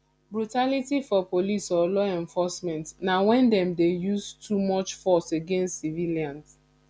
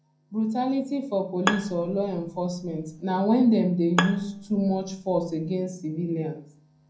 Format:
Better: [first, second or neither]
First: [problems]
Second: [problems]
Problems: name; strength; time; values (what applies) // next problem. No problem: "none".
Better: first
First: none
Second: background sound (Bowed string instrument); 8 dB below the speech // room echo; dies away in 0.5 s